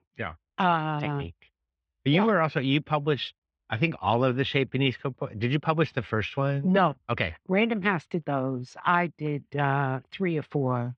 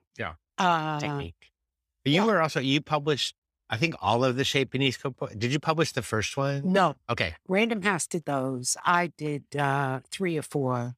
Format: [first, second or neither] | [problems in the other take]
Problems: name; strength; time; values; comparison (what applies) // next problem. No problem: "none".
second | muffled; very; fading above 3.5 kHz